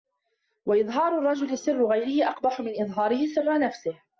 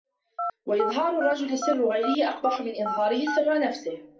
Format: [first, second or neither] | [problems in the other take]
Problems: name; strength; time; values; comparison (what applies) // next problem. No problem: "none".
first | background sound (Telephone); 7 dB below the speech // room echo; dies away in 0.2 s